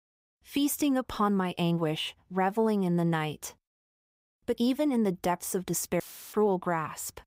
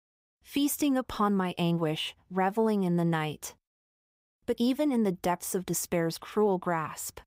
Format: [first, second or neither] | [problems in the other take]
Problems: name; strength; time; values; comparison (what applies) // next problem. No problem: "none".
second | audio cutting out; filled with static; at 6 s